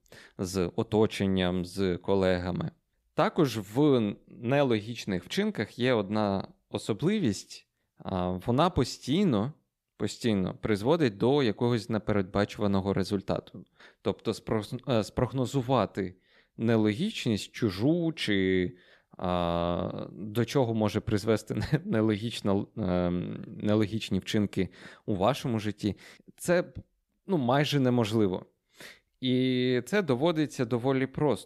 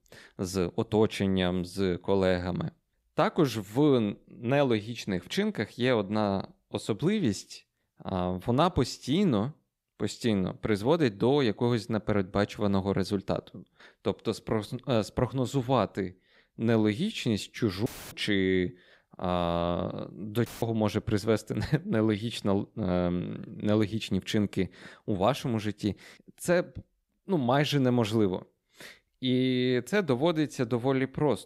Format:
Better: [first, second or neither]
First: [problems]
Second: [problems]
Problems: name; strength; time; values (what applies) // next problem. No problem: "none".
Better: first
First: none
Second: audio cutting out; filled with static; at 18 s and at 20 s